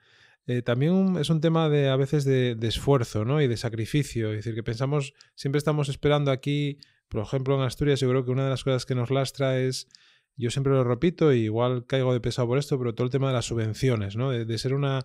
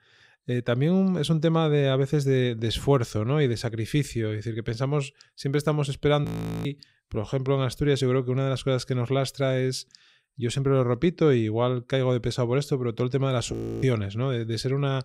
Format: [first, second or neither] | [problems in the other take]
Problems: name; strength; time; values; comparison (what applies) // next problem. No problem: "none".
first | audio freezing; at 6.5 s and at 14 s